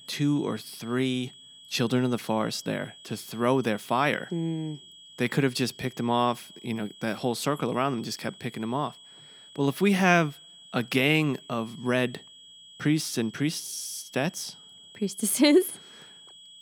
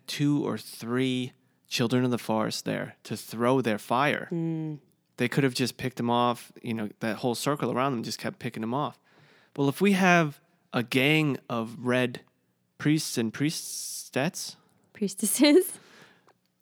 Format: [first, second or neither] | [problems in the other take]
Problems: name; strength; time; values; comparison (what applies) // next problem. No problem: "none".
second | high-pitched whine; faint; throughout; 3.5 kHz, 20 dB below the speech